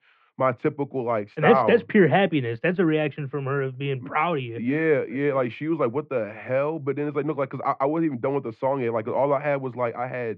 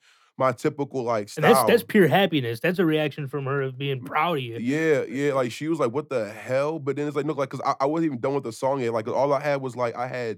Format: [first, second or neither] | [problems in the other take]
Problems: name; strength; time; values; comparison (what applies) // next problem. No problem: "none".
second | muffled; very; fading above 2.5 kHz